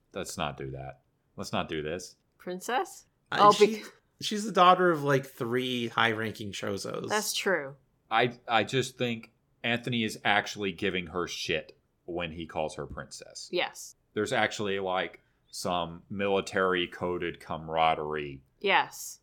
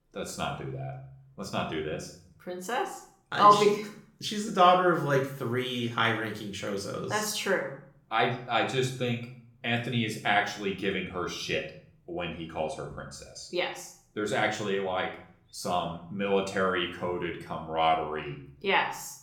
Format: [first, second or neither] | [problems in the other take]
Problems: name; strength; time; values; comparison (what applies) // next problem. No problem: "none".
first | room echo; slight; dies away in 0.5 s // off-mic speech; somewhat distant